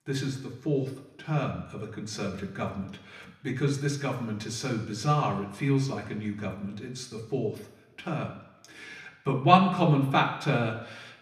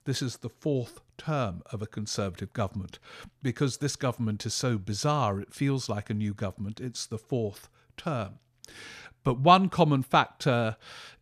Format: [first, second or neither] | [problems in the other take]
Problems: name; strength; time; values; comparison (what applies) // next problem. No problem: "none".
second | room echo; slight; dies away in 0.9 s // off-mic speech; somewhat distant